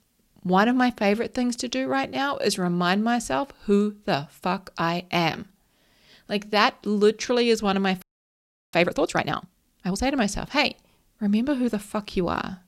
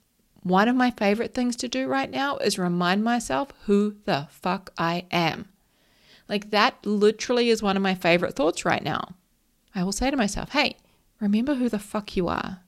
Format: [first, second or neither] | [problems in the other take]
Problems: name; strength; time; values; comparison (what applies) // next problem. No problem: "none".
second | audio freezing; at 8 s for 0.5 s